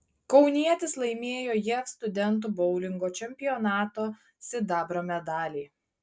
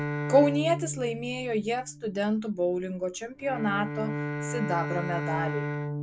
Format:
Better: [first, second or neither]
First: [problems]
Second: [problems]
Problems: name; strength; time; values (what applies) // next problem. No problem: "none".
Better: first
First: none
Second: background sound (Bowed string instrument); 5 dB below the speech